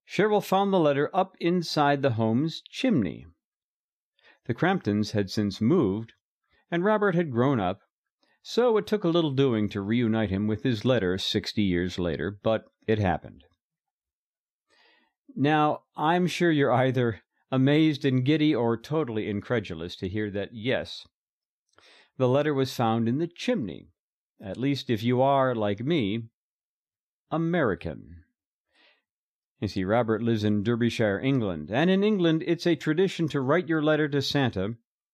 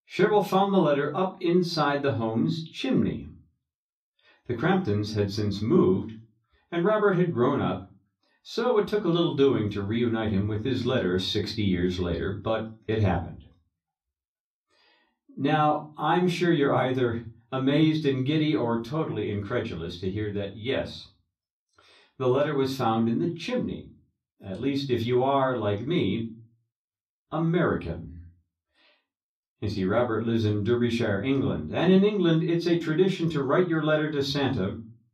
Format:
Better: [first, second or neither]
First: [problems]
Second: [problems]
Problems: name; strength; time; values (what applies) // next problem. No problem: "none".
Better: first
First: none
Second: off-mic speech; far // room echo; very slight; dies away in 0.3 s